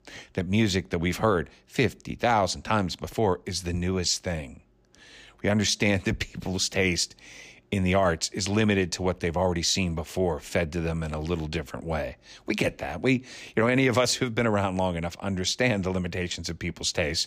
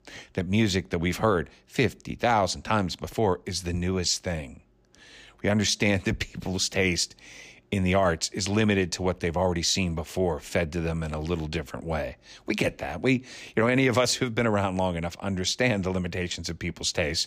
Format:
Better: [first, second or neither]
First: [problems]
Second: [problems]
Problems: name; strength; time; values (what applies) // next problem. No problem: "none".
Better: neither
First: none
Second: none